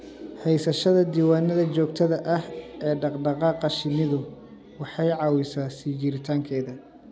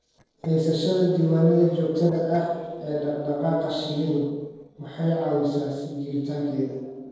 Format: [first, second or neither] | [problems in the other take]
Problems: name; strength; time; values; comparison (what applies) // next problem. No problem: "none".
first | noise reduction (neural separator model SepFormer DNS4)